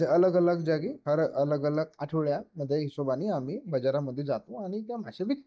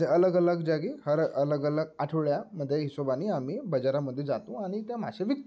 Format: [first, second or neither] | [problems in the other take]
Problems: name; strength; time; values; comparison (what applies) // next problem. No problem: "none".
second | noise reduction (neural mask model DeepFilterNet 3)